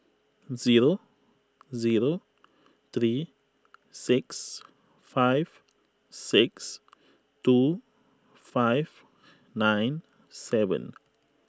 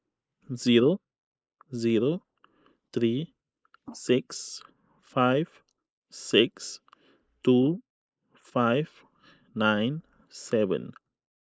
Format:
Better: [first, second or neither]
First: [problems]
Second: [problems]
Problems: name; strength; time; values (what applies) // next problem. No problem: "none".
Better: first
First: none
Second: noise reduction (neural mask model Resemble Enhance denoiser)